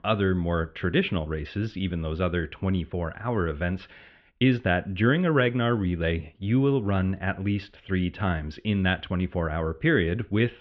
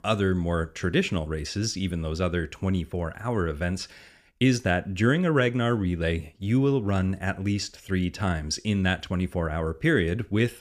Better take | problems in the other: second | muffled; very; fading above 3.5 kHz

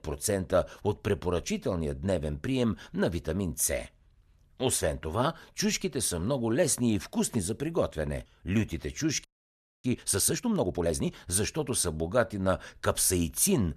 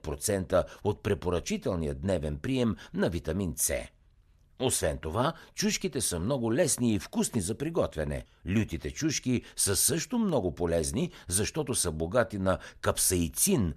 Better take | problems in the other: second | audio freezing; at 9.5 s for 0.5 s

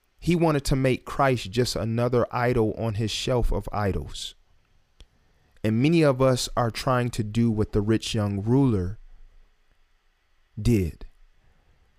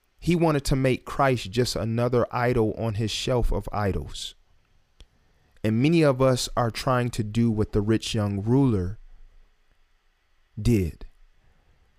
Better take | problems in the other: neither | none

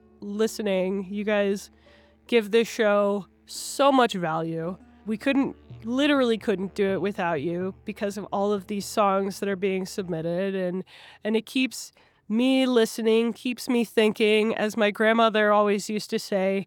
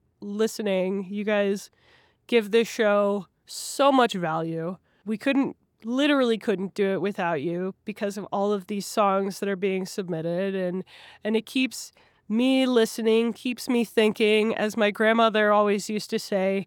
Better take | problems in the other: second | background music; faint; throughout; 30 dB below the speech

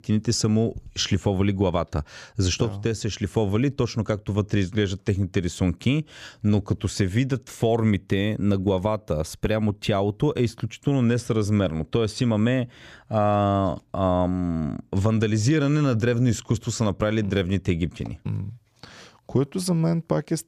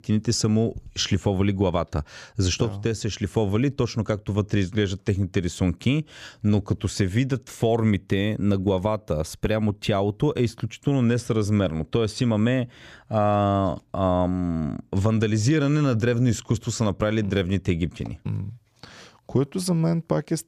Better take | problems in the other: neither | none

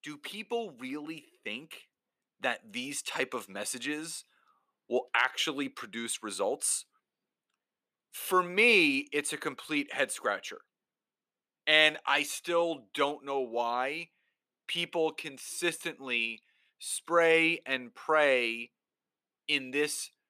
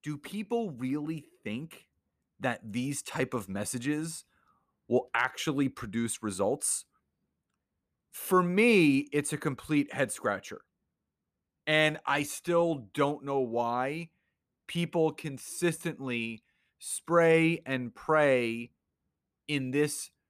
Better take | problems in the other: second | thin; somewhat; fading below 350 Hz

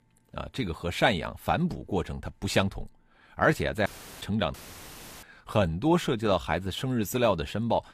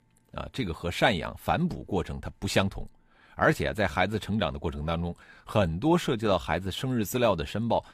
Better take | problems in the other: second | audio cutting out; filled with static; at 4 s and at 4.5 s for 0.5 s

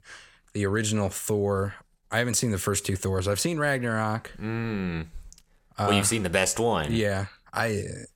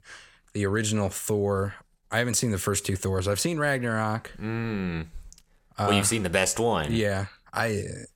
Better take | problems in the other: neither | none

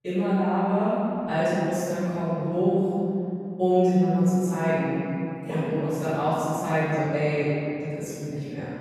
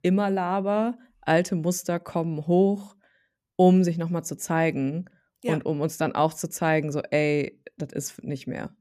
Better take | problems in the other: second | off-mic speech; far // room echo; strong; dies away in 2.7 s

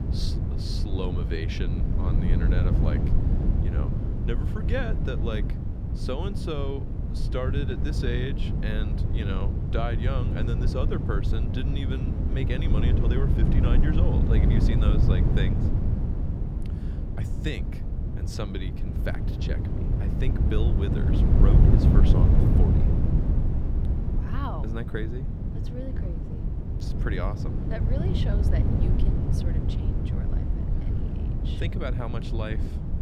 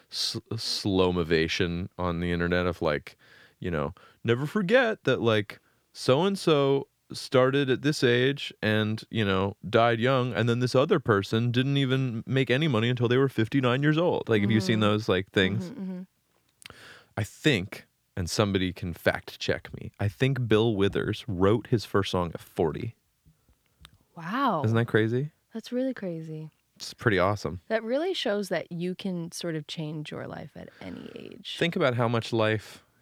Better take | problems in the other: second | low rumble; loud; throughout; 1 dB below the speech

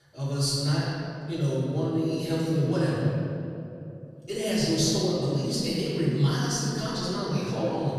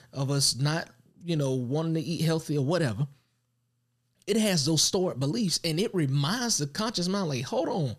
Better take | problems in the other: second | off-mic speech; far // room echo; strong; dies away in 2.7 s

